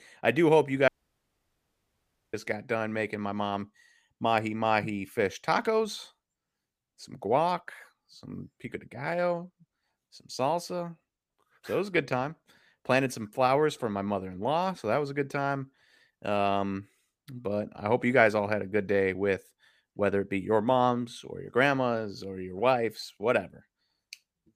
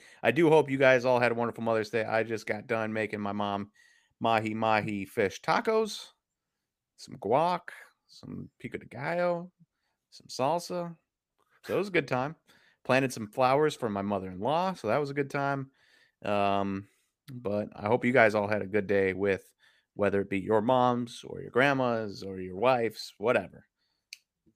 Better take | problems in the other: second | audio cutting out; at 1 s for 1.5 s

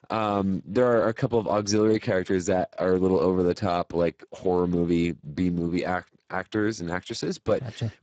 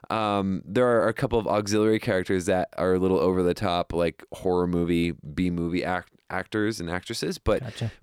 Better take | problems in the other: second | garbled, watery; badly; nothing above 7.5 kHz

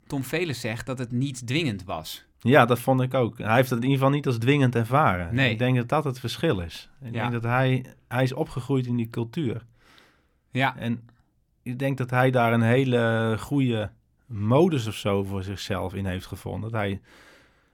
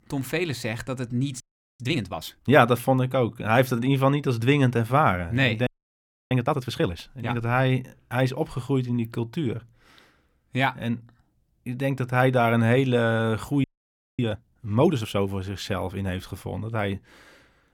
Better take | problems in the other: first | audio freezing; at 1.5 s, at 5.5 s for 0.5 s and at 14 s for 0.5 s

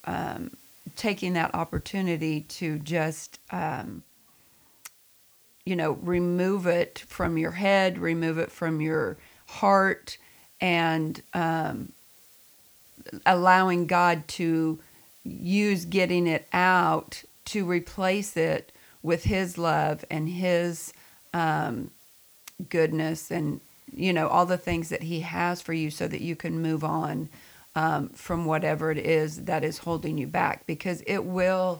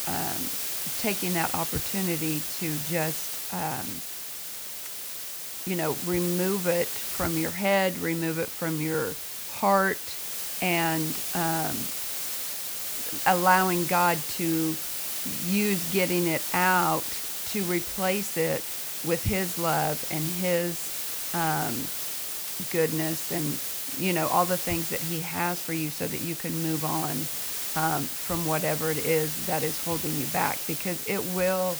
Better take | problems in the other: first | hiss; loud; throughout; 1 dB below the speech; faint in the first

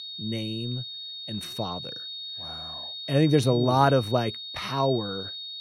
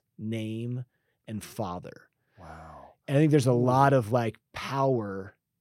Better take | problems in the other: second | high-pitched whine; loud; throughout; 3.5 kHz, 9 dB below the speech

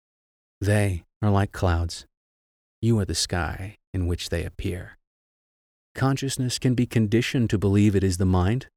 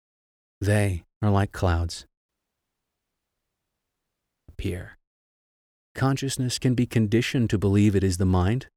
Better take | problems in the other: first | audio cutting out; at 2.5 s for 2 s

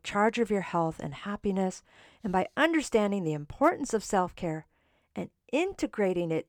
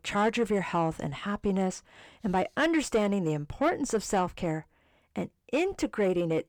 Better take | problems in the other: first | distortion; slight; 10 dB below the speech

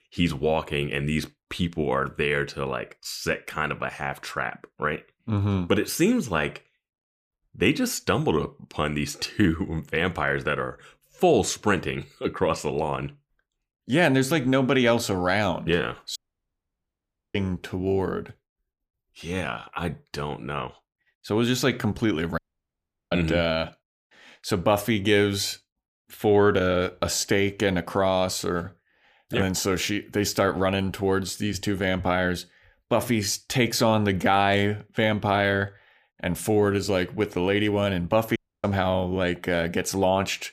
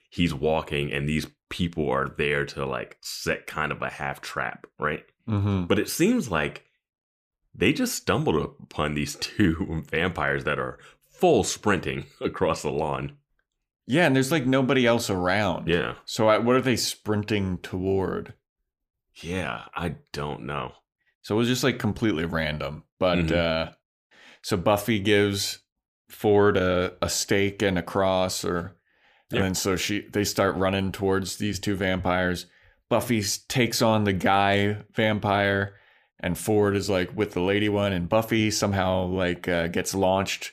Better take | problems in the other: second | audio cutting out; at 16 s for 1 s, at 22 s for 0.5 s and at 38 s

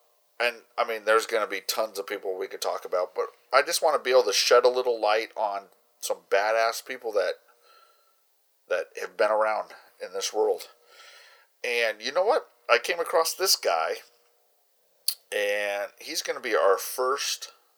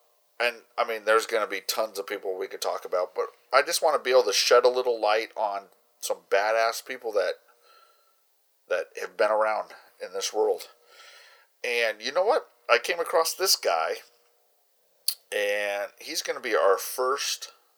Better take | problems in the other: neither | thin; very; fading below 450 Hz; the same in both

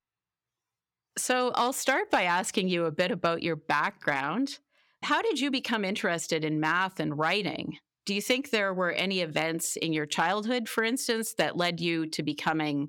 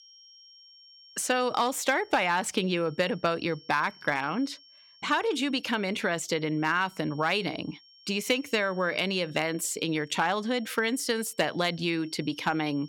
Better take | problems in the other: first | high-pitched whine; faint; throughout; 5.5 kHz, 25 dB below the speech

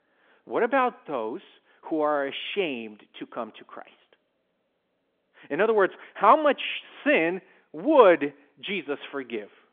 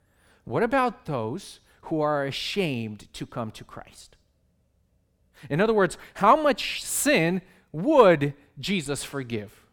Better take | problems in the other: second | phone-call audio; nothing above 3.5 kHz

